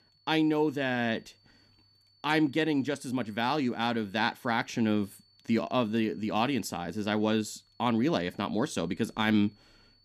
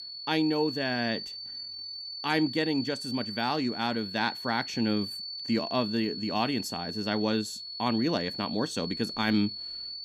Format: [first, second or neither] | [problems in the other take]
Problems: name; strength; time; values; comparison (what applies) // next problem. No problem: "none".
first | high-pitched whine; loud; throughout; 4.5 kHz, 6 dB below the speech; faint in the first